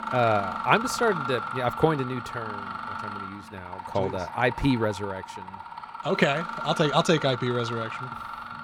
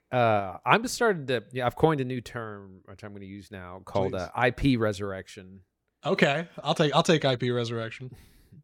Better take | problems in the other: second | machinery noise; loud; throughout; 8 dB below the speech

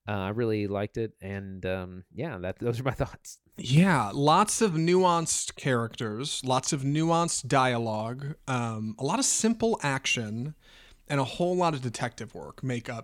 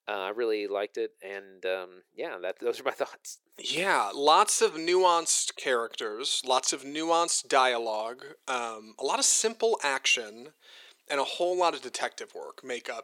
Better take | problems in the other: first | thin; very; fading below 400 Hz

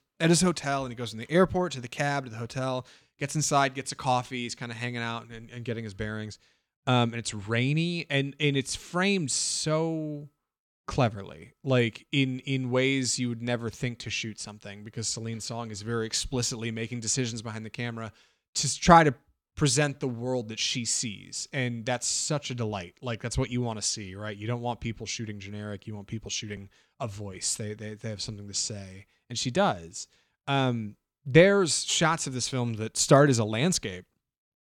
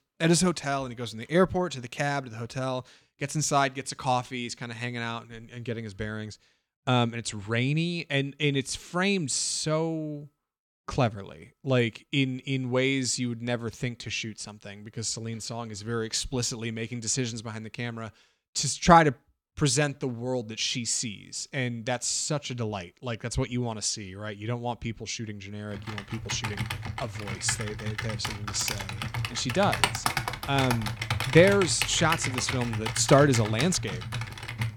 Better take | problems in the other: first | keyboard typing; loud; from 26 s on; peak 2 dB above the speech

